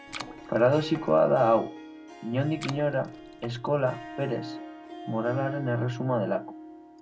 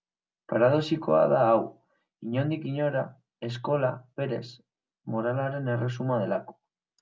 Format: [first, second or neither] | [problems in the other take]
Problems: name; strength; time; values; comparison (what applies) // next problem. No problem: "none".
second | background sound (Harp + Water / Splash, splatter); 13 dB below the speech